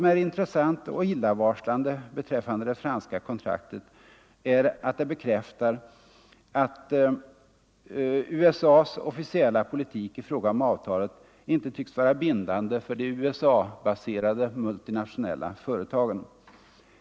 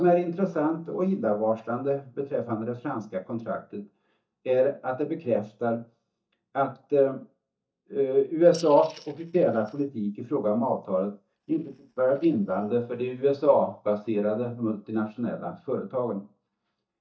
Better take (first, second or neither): first